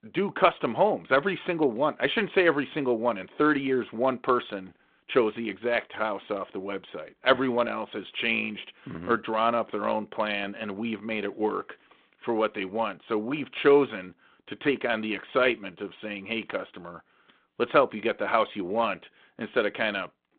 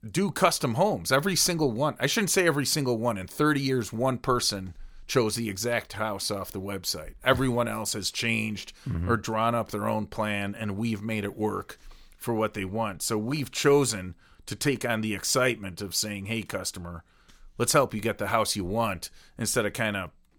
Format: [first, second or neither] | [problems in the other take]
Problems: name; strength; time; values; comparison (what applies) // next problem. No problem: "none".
second | phone-call audio